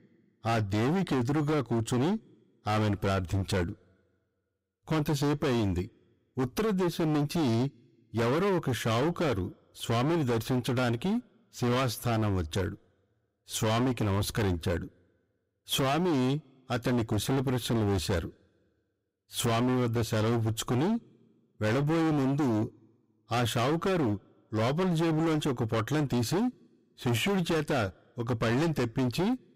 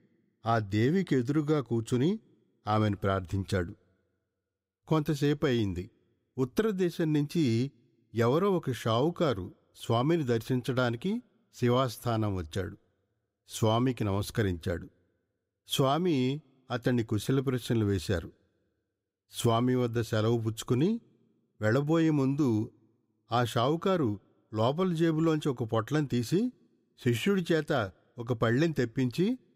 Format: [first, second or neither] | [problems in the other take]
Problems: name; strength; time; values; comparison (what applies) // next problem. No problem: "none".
second | distortion; heavy; 25% of the sound clipped